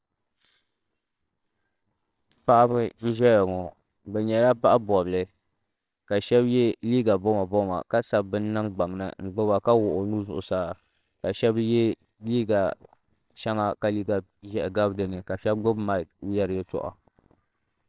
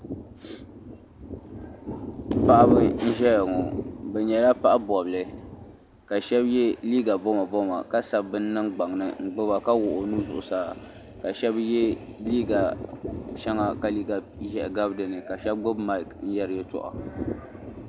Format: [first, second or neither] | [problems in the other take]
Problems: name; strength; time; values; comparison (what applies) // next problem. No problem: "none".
second | noise reduction (neural separator model SepFormer WHAMR!)